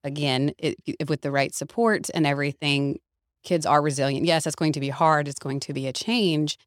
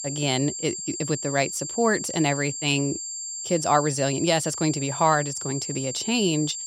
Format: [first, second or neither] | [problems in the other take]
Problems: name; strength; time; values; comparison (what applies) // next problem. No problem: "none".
first | high-pitched whine; loud; throughout; 7.5 kHz, 6 dB below the speech